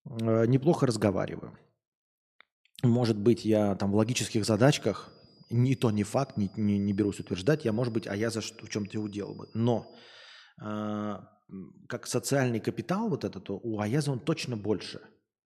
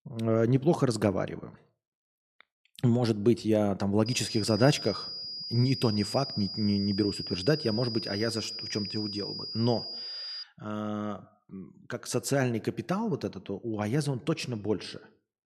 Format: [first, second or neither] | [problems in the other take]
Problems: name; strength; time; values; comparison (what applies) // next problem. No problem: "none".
first | high-pitched whine; loud; from 4 to 10 s; 5 kHz, 6 dB below the speech; faint in the first